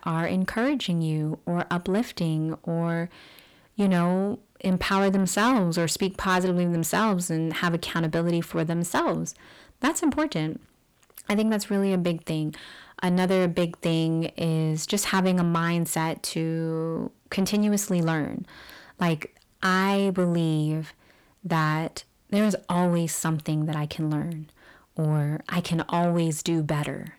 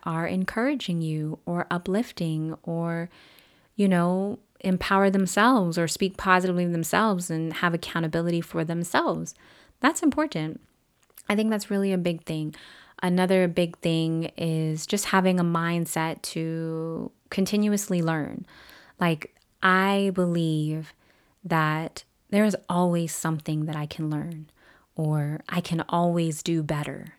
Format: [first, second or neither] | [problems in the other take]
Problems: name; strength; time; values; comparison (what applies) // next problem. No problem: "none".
second | distortion; slight; 10 dB below the speech